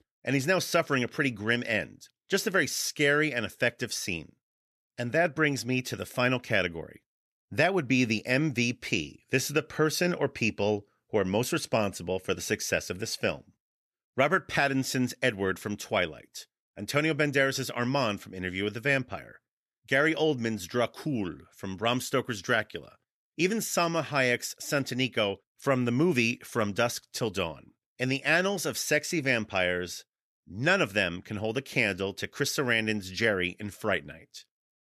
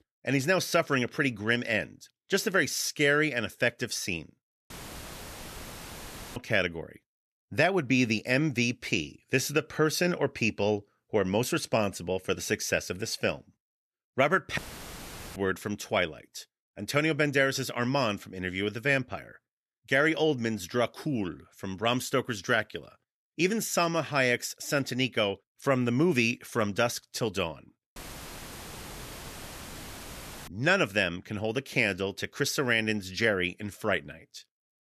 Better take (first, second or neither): first